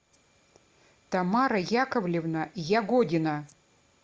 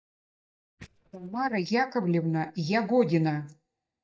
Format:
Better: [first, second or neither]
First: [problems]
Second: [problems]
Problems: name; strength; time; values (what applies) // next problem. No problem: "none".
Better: first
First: none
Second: noise reduction (neural mask model DeepFilterNet 3)